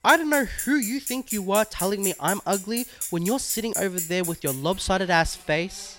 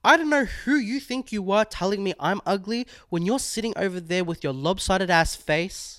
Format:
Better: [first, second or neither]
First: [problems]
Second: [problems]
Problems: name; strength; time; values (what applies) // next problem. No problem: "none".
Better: second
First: traffic noise; loud; throughout; 5 dB below the speech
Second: none